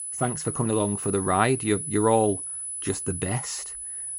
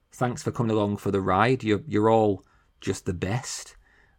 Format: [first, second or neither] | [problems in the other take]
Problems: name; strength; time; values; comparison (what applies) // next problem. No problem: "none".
second | high-pitched whine; loud; throughout; 10 kHz, 5 dB below the speech